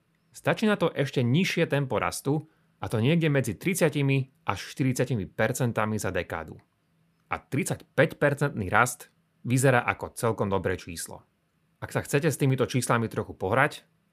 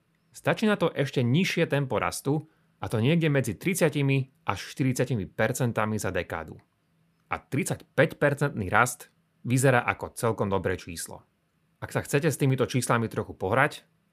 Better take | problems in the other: neither | none

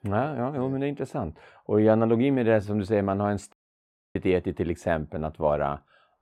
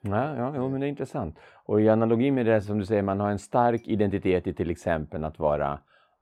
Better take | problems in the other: second | audio cutting out; at 3.5 s for 0.5 s

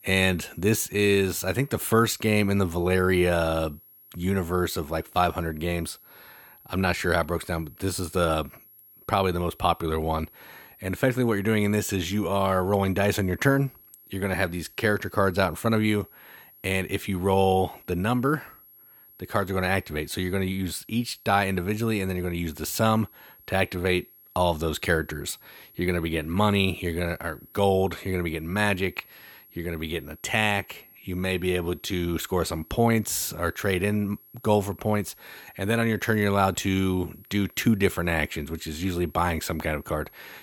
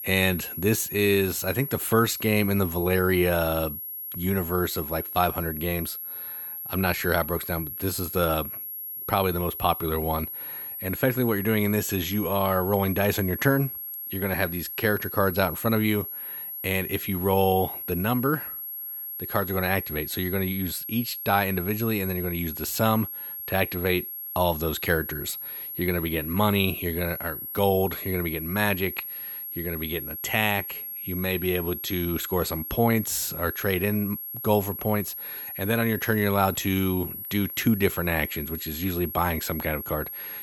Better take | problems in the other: first | high-pitched whine; loud; throughout; 11.5 kHz, 6 dB below the speech; faint in the first

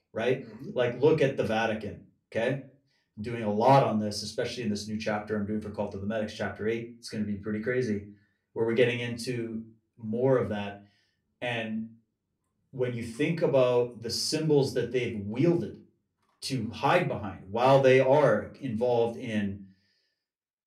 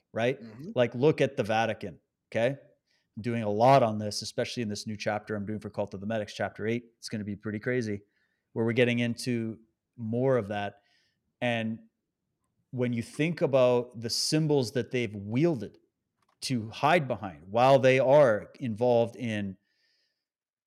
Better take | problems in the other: second | off-mic speech; somewhat distant // room echo; very slight; dies away in 0.2 s

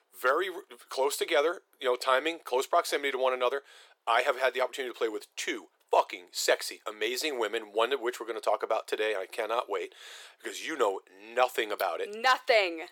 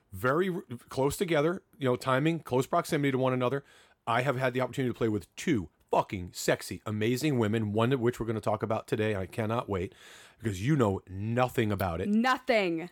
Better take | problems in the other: second | thin; very; fading below 400 Hz

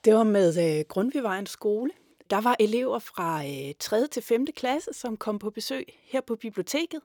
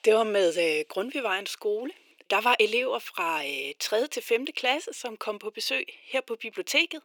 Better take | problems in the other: first | thin; somewhat; fading below 350 Hz

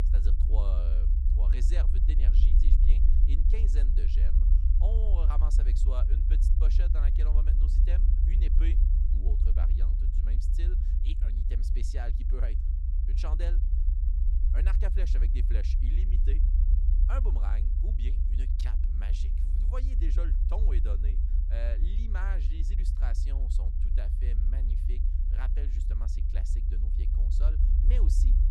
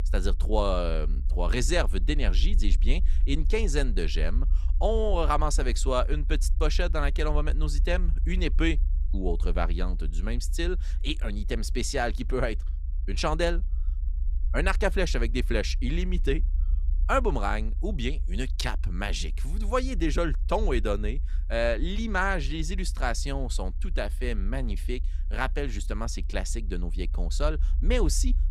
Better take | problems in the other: second | low rumble; loud; throughout; 3 dB below the speech; faint in the second

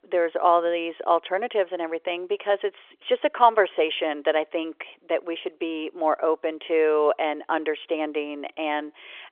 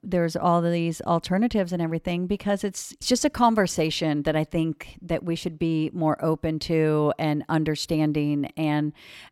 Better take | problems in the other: second | phone-call audio; nothing above 3.5 kHz

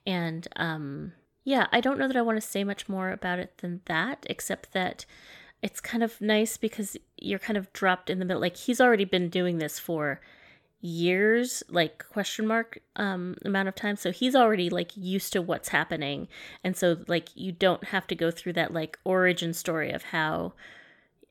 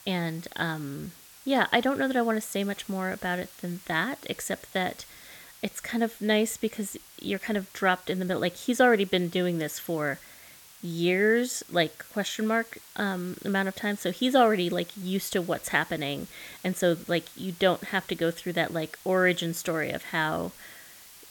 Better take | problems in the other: first | hiss; noticeable; throughout; 20 dB below the speech

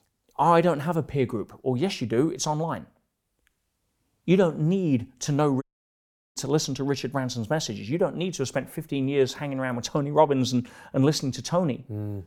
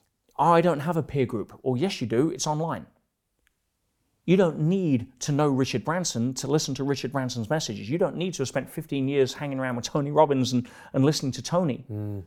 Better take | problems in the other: second | audio cutting out; at 5.5 s for 0.5 s

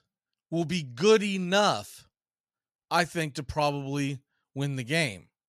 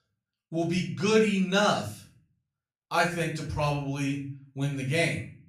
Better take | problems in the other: first | room echo; slight; dies away in 0.4 s // off-mic speech; far

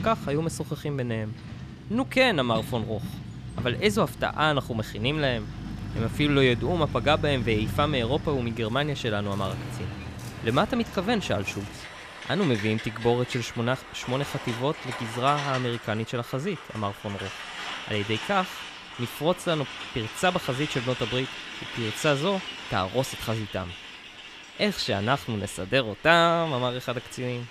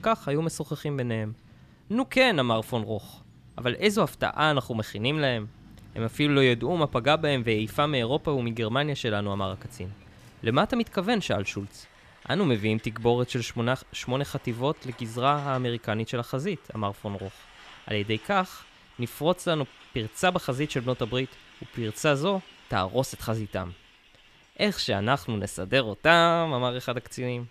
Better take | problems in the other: second | traffic noise; loud; throughout; 10 dB below the speech; faint in the second

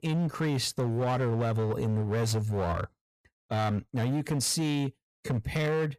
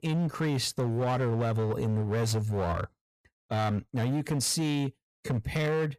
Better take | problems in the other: neither | distortion; slight; 19% of the sound clipped; the same in both

